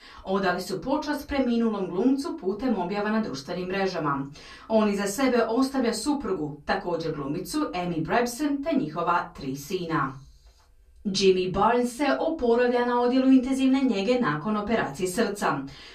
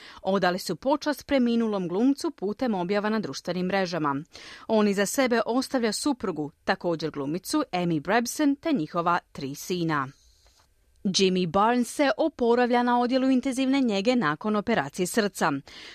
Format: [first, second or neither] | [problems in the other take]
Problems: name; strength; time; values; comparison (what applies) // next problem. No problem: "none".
second | off-mic speech; far // room echo; very slight; dies away in 0.2 s